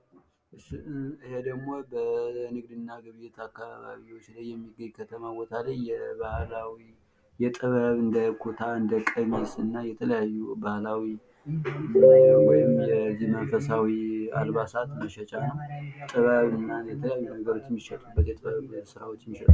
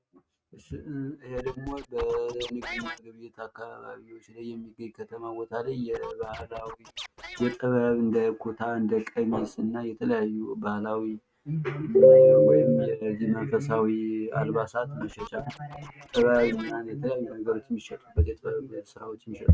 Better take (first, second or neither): first